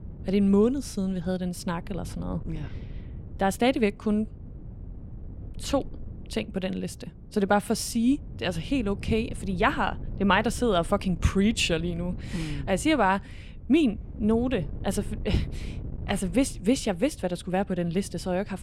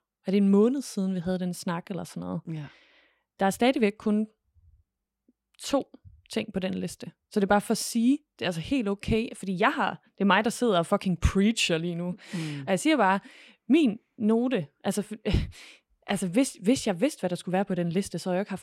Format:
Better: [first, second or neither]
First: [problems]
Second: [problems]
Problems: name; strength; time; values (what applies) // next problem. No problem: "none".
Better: second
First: wind noise on the microphone; occasional gusts; 25 dB below the speech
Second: none